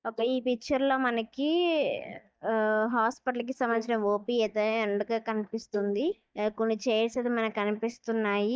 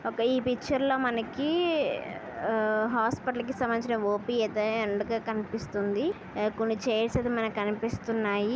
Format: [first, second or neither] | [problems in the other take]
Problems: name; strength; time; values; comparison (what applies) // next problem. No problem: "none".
second | noise reduction (neural mask model DeepFilterNet 3)